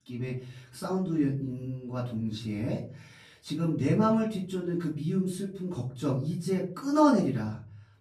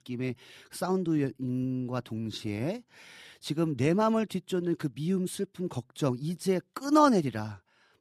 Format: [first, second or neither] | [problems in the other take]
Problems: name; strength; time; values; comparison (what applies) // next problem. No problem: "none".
second | off-mic speech; far // room echo; slight; dies away in 0.6 s